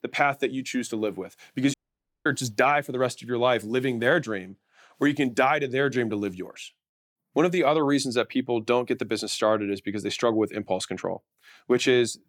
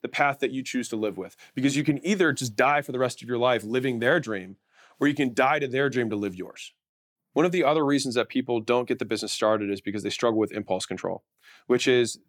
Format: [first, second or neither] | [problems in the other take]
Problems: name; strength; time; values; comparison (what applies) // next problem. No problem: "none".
second | audio cutting out; at 1.5 s for 0.5 s